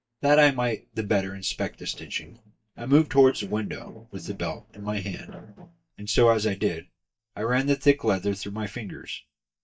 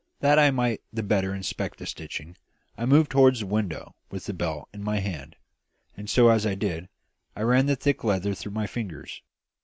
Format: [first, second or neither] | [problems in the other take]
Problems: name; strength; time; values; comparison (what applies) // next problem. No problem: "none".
second | noise reduction (neural mask model DeepFilterNet 3)